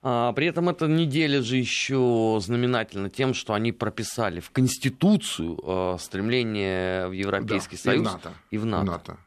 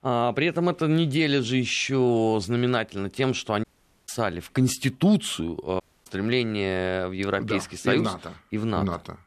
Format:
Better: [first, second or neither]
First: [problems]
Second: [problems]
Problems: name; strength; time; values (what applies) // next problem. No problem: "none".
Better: first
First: none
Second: audio cutting out; at 3.5 s and at 6 s